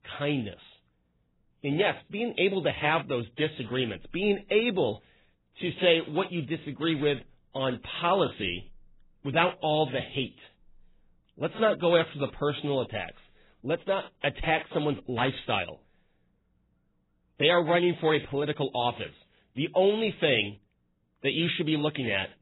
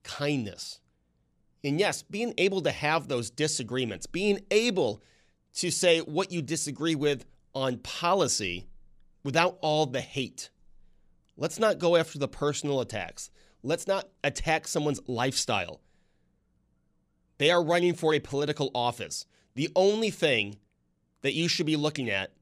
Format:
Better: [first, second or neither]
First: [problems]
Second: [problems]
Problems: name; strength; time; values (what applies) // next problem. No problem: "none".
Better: second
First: garbled, watery; badly; nothing above 4 kHz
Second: none